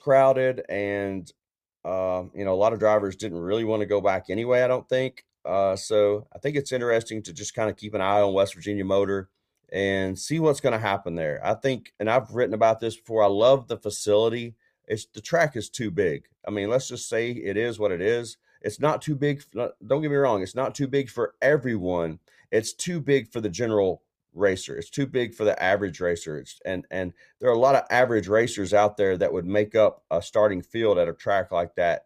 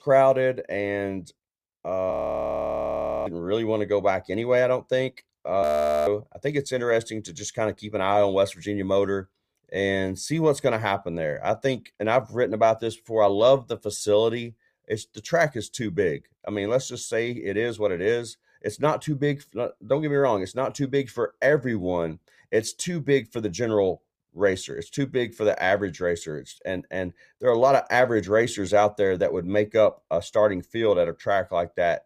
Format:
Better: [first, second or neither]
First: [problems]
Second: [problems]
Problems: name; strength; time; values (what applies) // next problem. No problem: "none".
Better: first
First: none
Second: audio freezing; at 2 s for 1 s and at 5.5 s